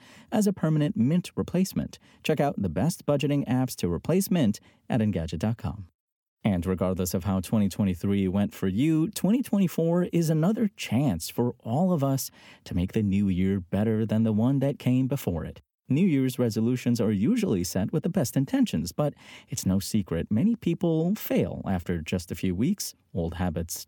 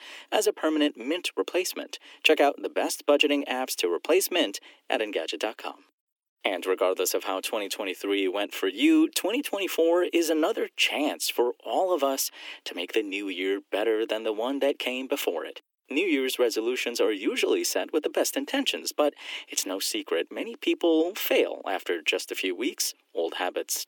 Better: first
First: none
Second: thin; very; fading below 300 Hz

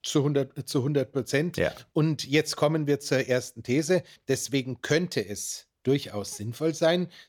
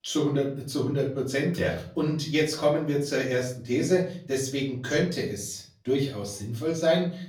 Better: first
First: none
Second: room echo; slight; dies away in 0.4 s // off-mic speech; far

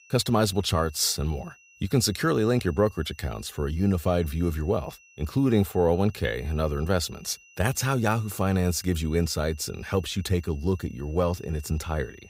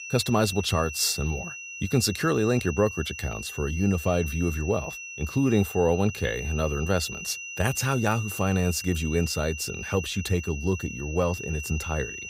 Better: first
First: high-pitched whine; faint; throughout; 3 kHz, 25 dB below the speech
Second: high-pitched whine; loud; throughout; 3 kHz, 9 dB below the speech

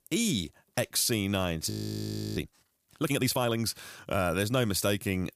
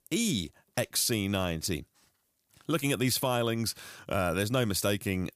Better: second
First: audio freezing; at 1.5 s for 0.5 s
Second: none

